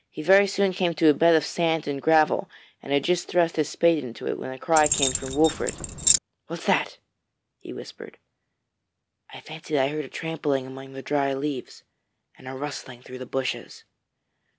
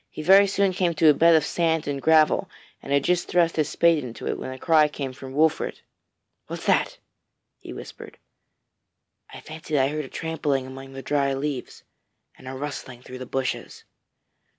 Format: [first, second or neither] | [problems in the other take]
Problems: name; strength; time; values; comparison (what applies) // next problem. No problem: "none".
second | background sound (Keys jangling); 1 dB above the speech